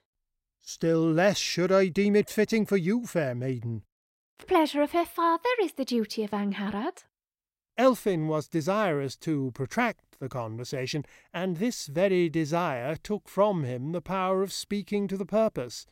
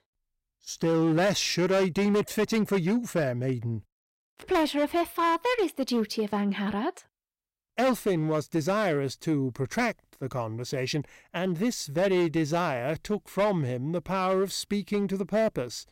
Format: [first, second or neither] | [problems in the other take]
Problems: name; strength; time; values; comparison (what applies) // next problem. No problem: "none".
first | distortion; slight; 9% of the sound clipped